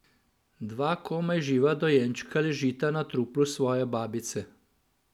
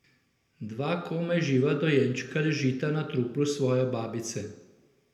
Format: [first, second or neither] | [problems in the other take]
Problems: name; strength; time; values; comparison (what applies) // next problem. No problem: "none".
first | room echo; dies away in 0.7 s